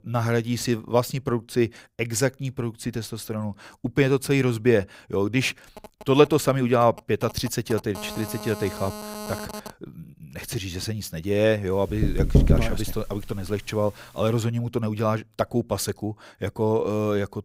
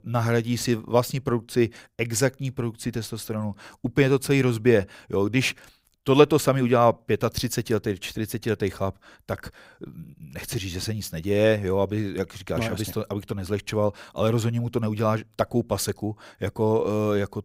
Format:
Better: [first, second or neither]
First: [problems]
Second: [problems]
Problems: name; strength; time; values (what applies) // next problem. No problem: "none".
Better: second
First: phone ringing; noticeable; from 6 to 9.5 s; peak 9 dB below the speech // door banging; loud; from 12 to 13 s; peak 5 dB above the speech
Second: none